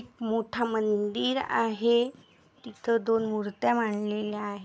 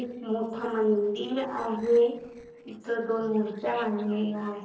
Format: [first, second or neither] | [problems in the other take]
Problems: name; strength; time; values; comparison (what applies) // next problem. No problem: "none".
first | noise reduction (neural separator model SepFormer DNS4)